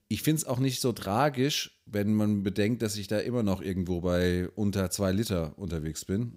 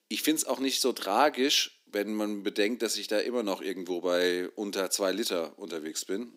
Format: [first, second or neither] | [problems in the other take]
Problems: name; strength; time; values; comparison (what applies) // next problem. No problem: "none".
first | thin; somewhat; fading below 250 Hz